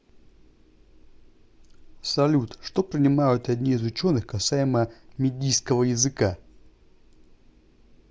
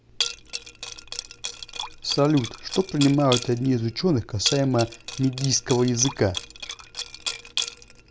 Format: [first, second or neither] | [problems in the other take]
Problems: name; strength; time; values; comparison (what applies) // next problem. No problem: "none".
first | background sound (Liquid); 9 dB below the speech